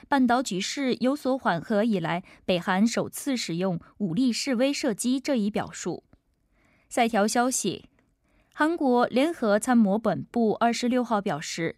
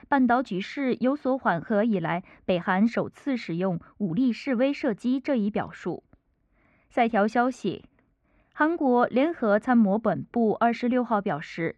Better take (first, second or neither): first